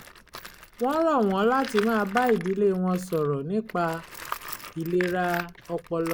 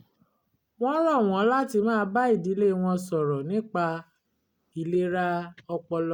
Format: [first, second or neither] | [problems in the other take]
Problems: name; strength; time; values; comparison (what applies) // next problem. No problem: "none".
second | background sound (Tools); 14 dB below the speech